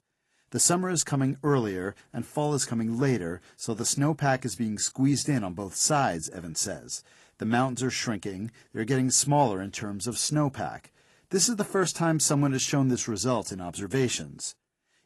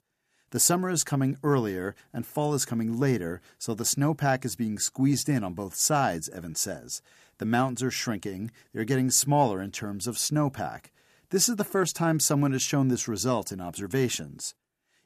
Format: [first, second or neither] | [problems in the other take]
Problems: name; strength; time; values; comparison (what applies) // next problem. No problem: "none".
second | garbled, watery; slightly; nothing above 11.5 kHz